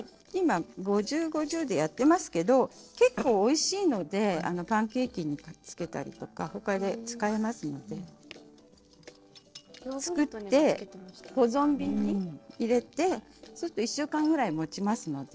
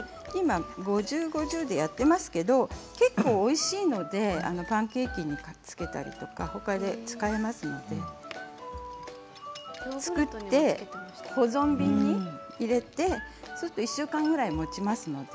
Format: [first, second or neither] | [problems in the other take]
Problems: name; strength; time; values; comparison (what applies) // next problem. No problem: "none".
second | noise reduction (neural separator model SepFormer DNS4)